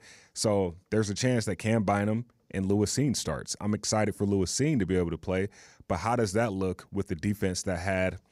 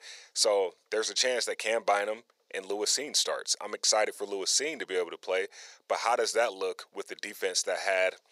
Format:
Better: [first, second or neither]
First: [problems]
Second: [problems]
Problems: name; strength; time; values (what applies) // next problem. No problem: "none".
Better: first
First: none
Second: thin; very; fading below 500 Hz